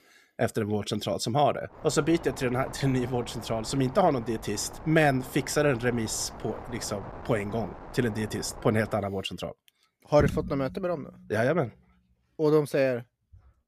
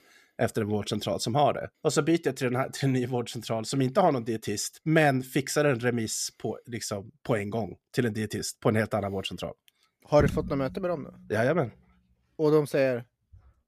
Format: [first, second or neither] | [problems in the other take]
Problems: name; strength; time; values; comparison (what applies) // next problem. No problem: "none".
second | wind noise on the microphone; occasional gusts; from 1.5 to 9 s; 15 dB below the speech